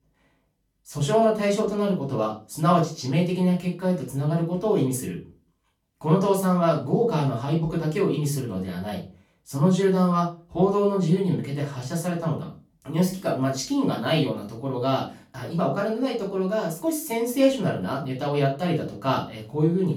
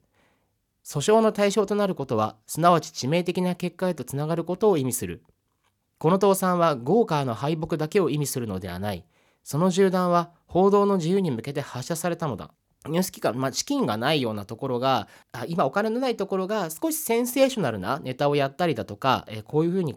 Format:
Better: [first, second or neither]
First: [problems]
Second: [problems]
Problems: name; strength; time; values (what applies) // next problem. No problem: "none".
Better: second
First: off-mic speech; far // room echo; slight; dies away in 0.3 s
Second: none